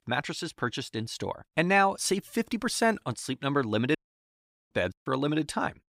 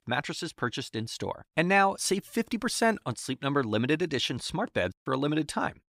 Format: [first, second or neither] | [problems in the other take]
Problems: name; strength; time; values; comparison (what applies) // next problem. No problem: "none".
second | audio cutting out; at 4 s for 1 s